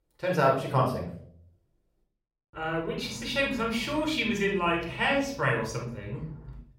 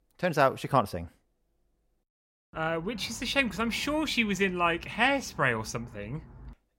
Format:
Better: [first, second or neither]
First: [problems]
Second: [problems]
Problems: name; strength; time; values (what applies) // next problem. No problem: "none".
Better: second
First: off-mic speech; somewhat distant // room echo; noticeable; dies away in 0.5 s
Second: none